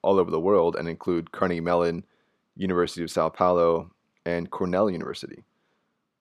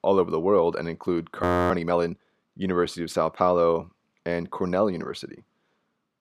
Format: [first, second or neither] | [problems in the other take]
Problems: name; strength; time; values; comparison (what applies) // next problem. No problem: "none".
first | audio freezing; at 1.5 s